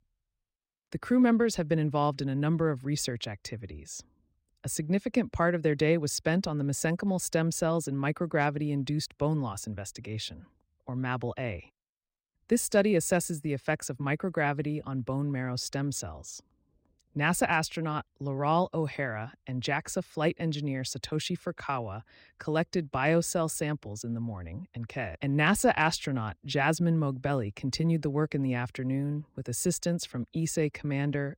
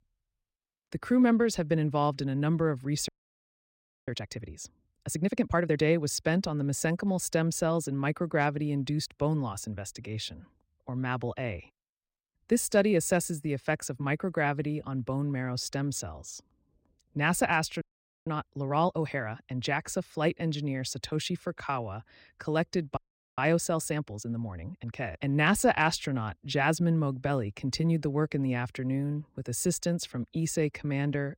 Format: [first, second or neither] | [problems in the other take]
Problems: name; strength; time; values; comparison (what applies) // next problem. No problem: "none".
first | audio freezing; at 3 s for 1 s, at 18 s and at 23 s